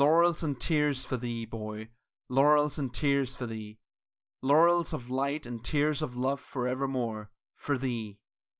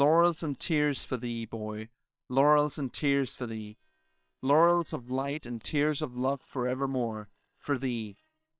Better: first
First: none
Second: noise reduction (neural separator model SepFormer WHAM!)

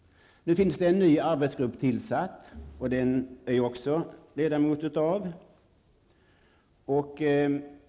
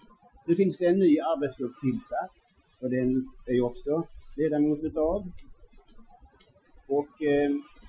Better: first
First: none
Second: noise reduction (classical method Wiener filter)

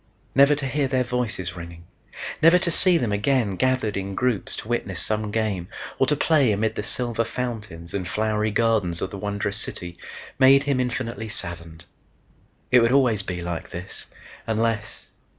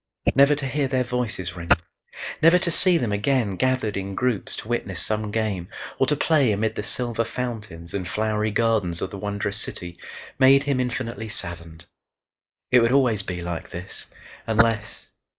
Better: first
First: none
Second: noise reduction (neural mask model Resemble Enhance denoiser)

